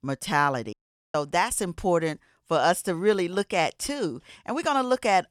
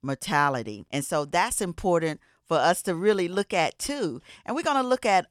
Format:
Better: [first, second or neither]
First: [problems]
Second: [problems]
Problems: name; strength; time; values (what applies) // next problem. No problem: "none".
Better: second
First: audio cutting out; at 0.5 s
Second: none